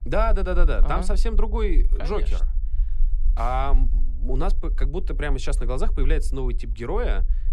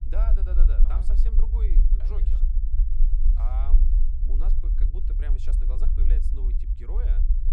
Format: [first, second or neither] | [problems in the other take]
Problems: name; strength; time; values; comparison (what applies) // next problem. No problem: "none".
first | low rumble; loud; throughout; 2 dB below the speech; faint in the first